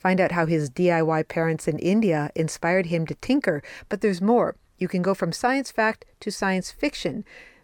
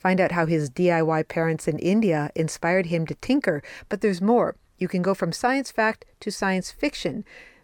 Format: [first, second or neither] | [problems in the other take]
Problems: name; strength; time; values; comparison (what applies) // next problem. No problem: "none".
neither | none